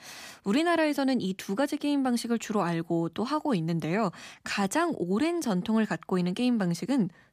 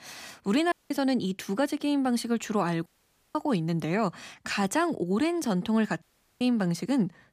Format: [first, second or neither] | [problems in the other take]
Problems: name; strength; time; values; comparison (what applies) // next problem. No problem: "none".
first | audio cutting out; at 0.5 s, at 3 s and at 6 s